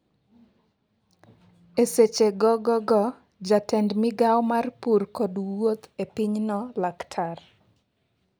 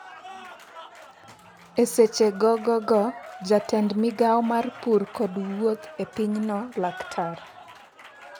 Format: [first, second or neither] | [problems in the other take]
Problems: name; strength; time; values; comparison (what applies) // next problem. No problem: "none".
first | background sound (Applause / Cheering); 18 dB below the speech